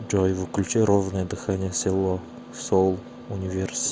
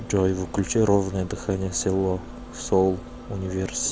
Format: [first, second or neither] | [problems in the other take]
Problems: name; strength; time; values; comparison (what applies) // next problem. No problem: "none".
first | background sound (Insect); 17 dB below the speech